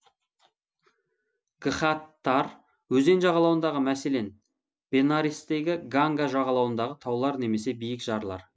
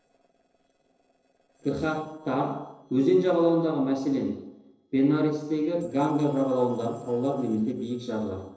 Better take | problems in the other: first | noise reduction (neural separator model SepFormer DNS4)

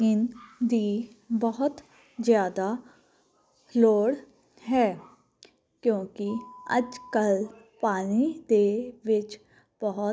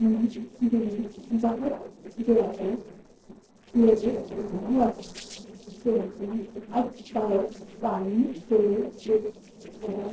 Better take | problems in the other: first | noise reduction (neural separator model SepFormer DNS4)

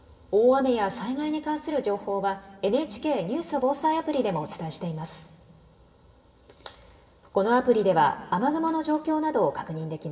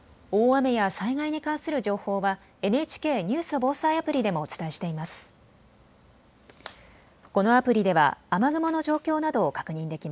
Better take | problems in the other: second | room echo; dies away in 1.5 s

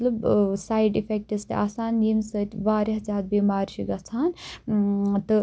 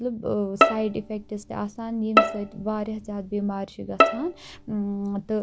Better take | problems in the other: first | background sound (Bowed string instrument); 3 dB above the speech

